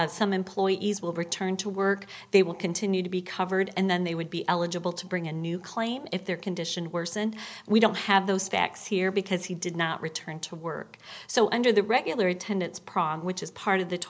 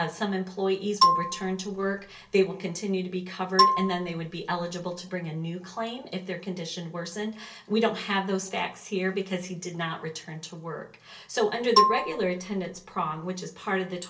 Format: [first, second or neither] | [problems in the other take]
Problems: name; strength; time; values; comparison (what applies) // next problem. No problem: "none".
first | background sound (Marimba, xylophone); 3 dB above the speech // room echo; dies away in 0.3 s